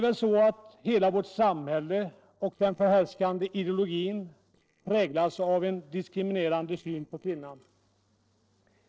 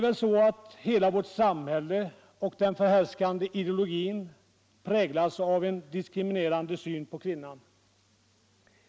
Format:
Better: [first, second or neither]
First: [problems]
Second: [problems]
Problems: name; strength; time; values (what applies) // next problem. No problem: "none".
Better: second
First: noise reduction (neural separator model SepFormer DNS4)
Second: none